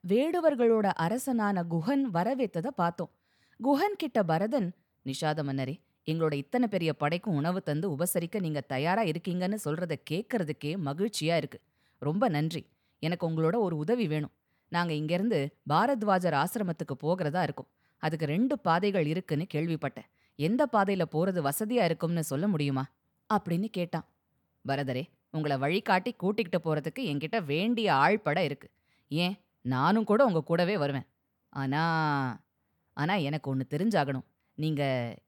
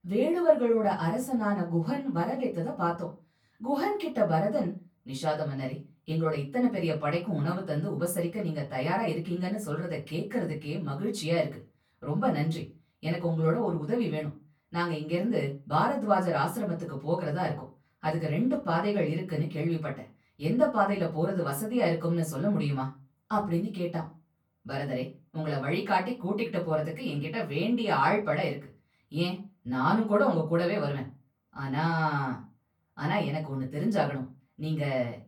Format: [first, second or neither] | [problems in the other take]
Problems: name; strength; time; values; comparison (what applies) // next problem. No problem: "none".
first | off-mic speech; far // room echo; very slight; dies away in 0.2 s